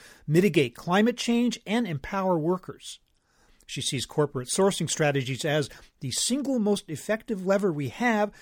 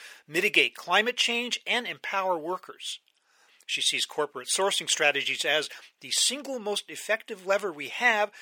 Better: first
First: none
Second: thin; very; fading below 600 Hz

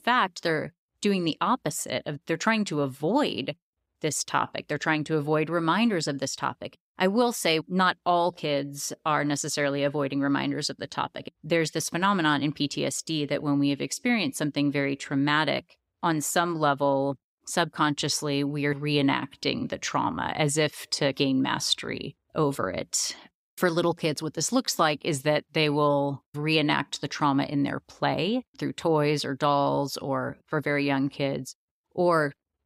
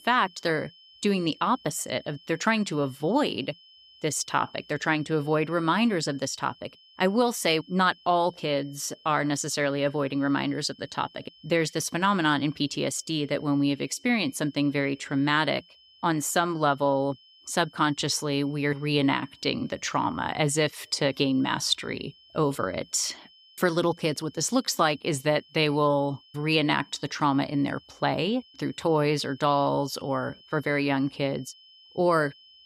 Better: first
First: none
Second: high-pitched whine; faint; throughout; 3 kHz, 25 dB below the speech

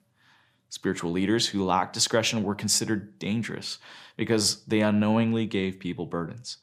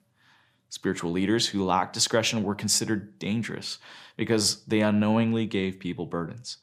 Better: neither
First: none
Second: none

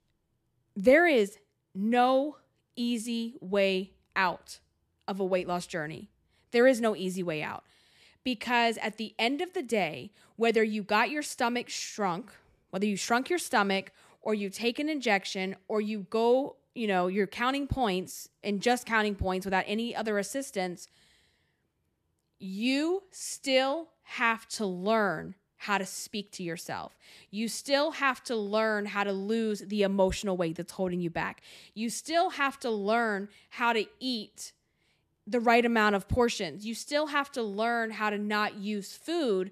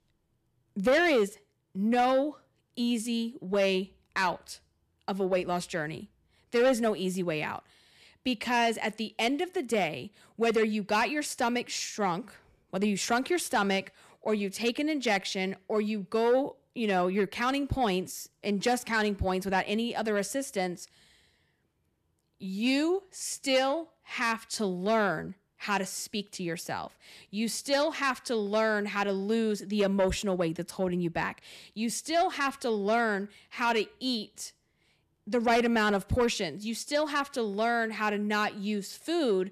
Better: first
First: none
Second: distortion; slight; 10 dB below the speech

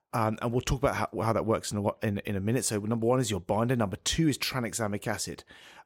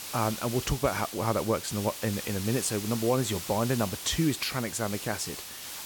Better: first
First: none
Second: hiss; loud; throughout; 7 dB below the speech

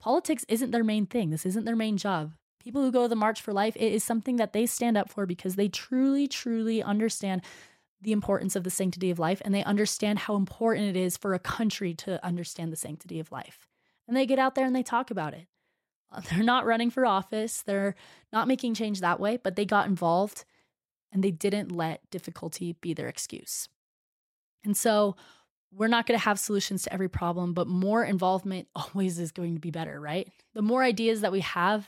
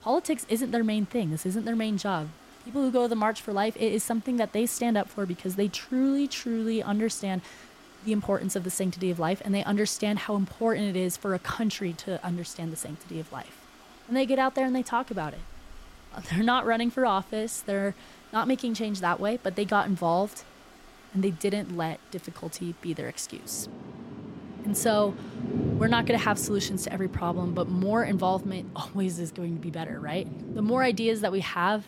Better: first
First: none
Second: rain or running water; noticeable; throughout; 15 dB below the speech

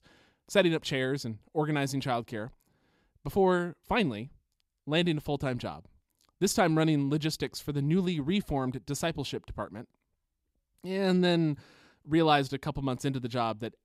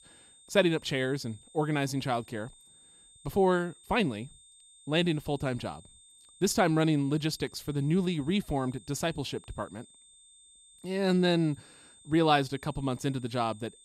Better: first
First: none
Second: high-pitched whine; faint; throughout; 8.5 kHz, 25 dB below the speech

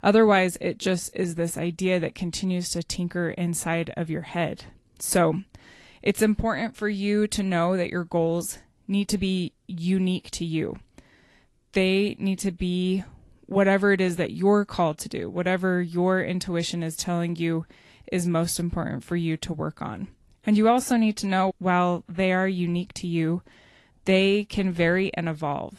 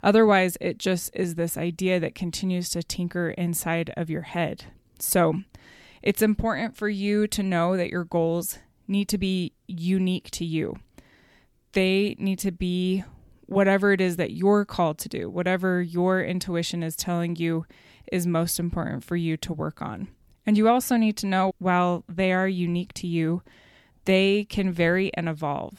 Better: second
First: garbled, watery; slightly; nothing above 12 kHz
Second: none

